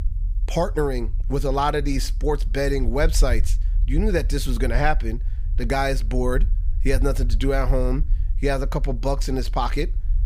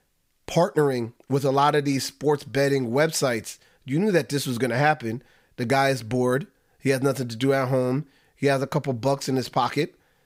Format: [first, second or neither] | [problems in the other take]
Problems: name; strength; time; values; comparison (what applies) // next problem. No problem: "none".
second | low rumble; faint; throughout; 25 dB below the speech